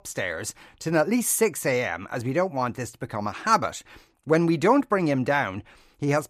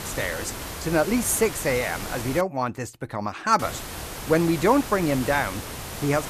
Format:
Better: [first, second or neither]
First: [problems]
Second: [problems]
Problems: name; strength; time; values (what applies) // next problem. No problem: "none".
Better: first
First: none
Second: hiss; loud; until 2.5 s and from 3.5 s on; 9 dB below the speech